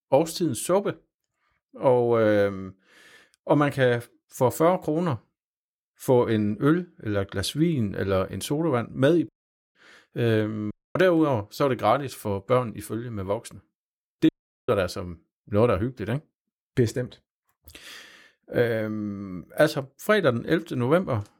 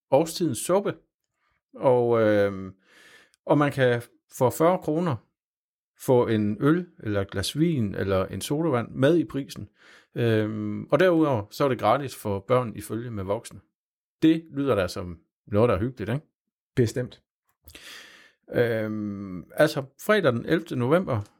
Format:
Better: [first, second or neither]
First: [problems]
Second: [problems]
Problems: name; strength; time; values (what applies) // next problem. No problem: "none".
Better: second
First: audio cutting out; at 9.5 s, at 11 s and at 14 s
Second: none